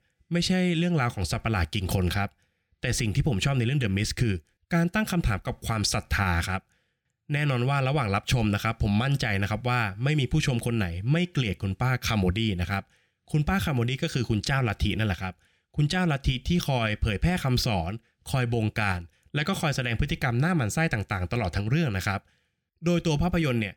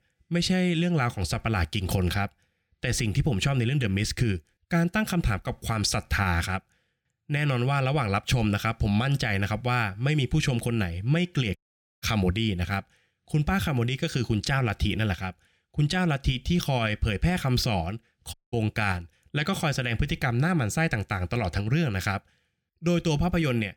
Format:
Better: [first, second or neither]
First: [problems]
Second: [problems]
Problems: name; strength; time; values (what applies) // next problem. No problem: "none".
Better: first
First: none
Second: audio cutting out; at 12 s and at 18 s